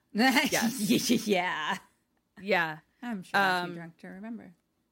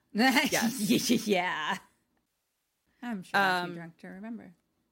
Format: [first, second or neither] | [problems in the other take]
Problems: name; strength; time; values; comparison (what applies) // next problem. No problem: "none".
first | audio cutting out; at 2.5 s for 0.5 s